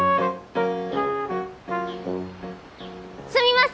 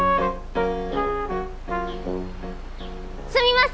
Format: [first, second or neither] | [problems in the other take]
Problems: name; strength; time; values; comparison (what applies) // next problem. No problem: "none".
first | background sound (Motor vehicle (road) / Engine); 10 dB below the speech